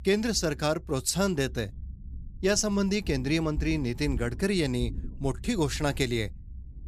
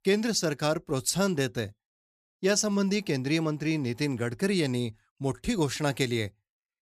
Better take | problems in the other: second | low rumble; faint; throughout; 25 dB below the speech

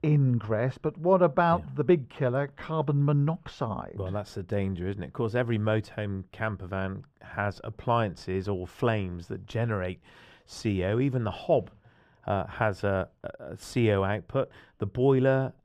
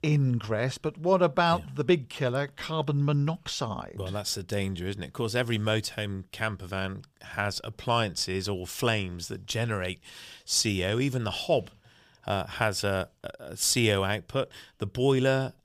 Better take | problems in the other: second | muffled; very; fading above 3 kHz

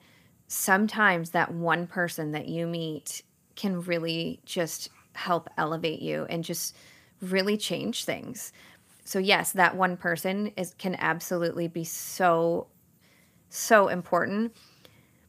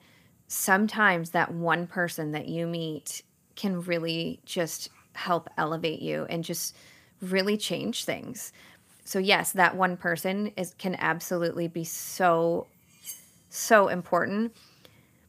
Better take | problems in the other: first | clattering dishes; faint; at 13 s; peak 15 dB below the speech

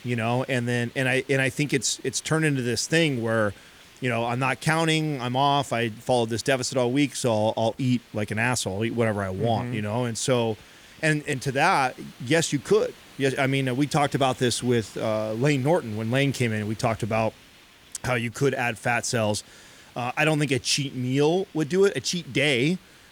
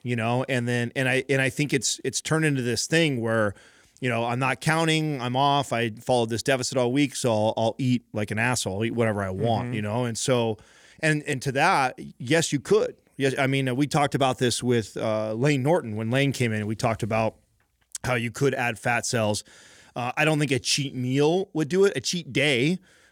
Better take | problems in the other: second | hiss; faint; throughout; 25 dB below the speech

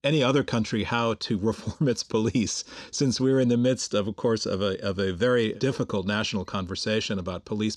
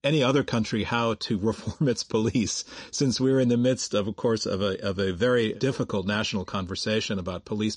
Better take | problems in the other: first | garbled, watery; slightly

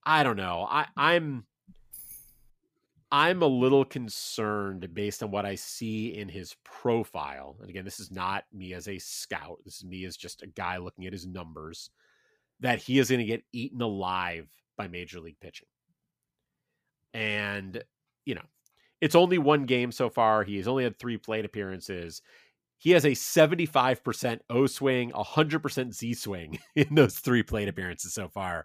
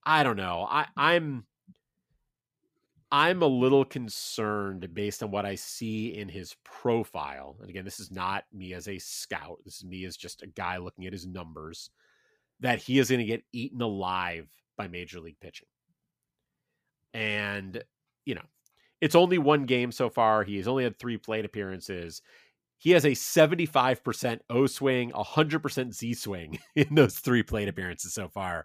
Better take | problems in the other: second | jangling keys; faint; at 1.5 s; peak 15 dB below the speech

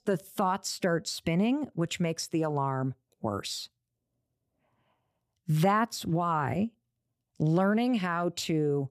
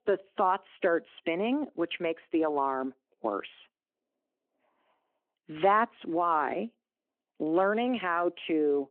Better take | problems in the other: first | phone-call audio

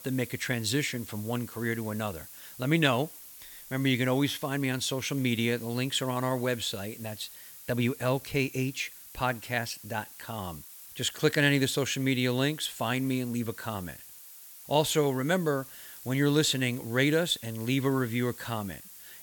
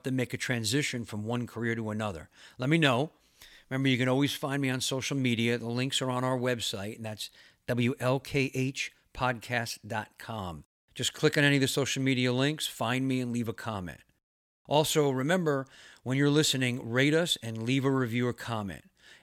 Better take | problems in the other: second | hiss; noticeable; throughout; 15 dB below the speech

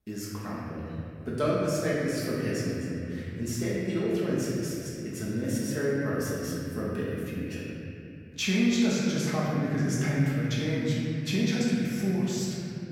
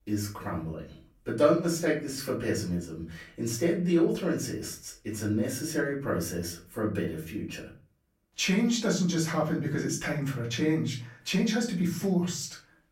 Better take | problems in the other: second | room echo; strong; dies away in 3 s; slight in the second // off-mic speech; far; far in the second

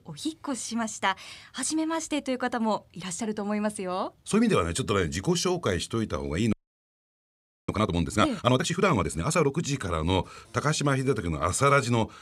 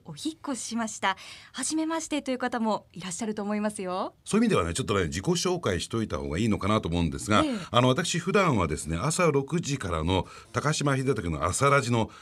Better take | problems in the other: second | audio freezing; at 6.5 s for 1 s

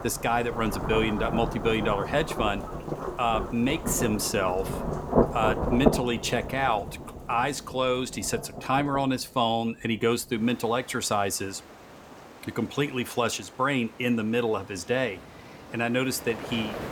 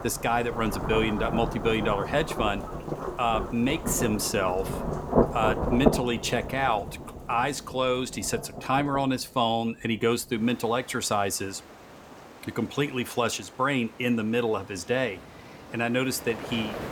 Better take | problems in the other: neither | rain or running water; loud; throughout; 4 dB below the speech; the same in both

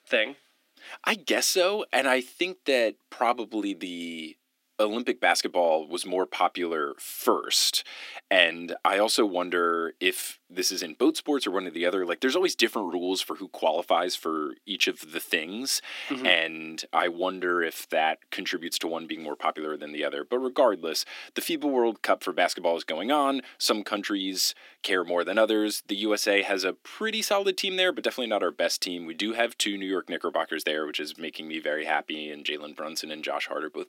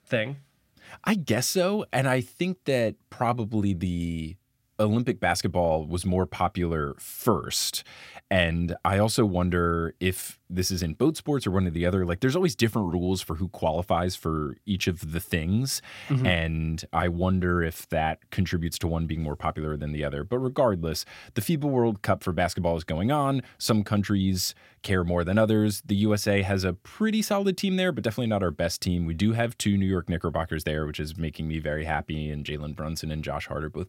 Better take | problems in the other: second | thin; somewhat; fading below 300 Hz

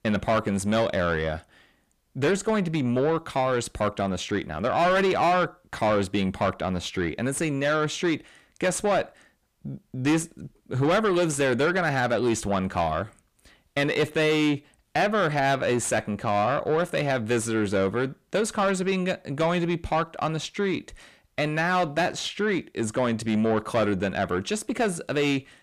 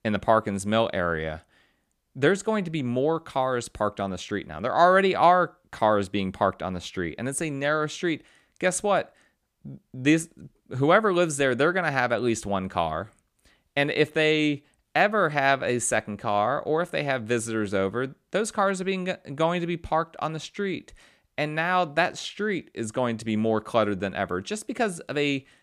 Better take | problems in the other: second | distortion; heavy; 8 dB below the speech

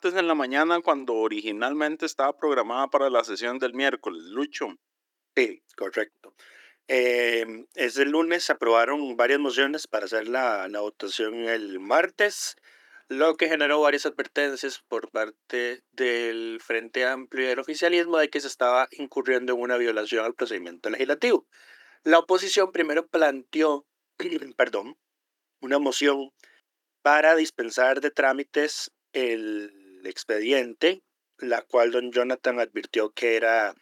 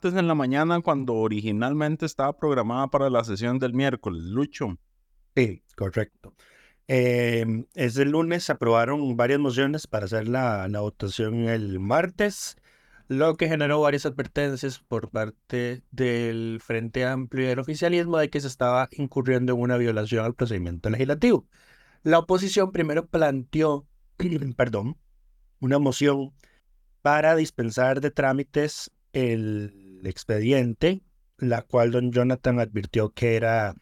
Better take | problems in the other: second | thin; somewhat; fading below 300 Hz

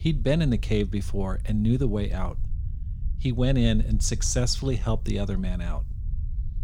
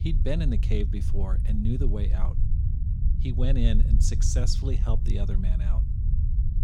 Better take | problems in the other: first | low rumble; loud; throughout; 7 dB below the speech; faint in the first

